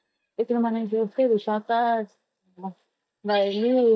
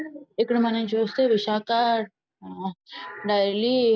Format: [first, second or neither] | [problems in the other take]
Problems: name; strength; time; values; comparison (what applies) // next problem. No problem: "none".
second | noise reduction (neural mask model DeepFilterNet 3)